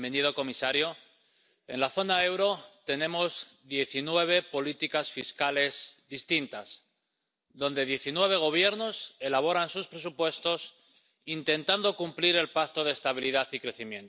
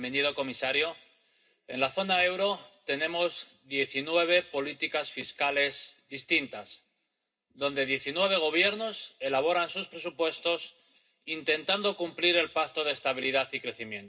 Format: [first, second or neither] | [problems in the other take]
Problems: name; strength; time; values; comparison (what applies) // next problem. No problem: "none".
first | room echo; dies away in 0.2 s